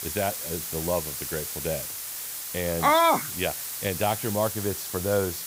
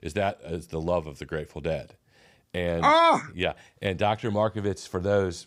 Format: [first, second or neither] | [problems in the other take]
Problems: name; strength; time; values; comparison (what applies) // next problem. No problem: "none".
second | hiss; loud; throughout; 4 dB below the speech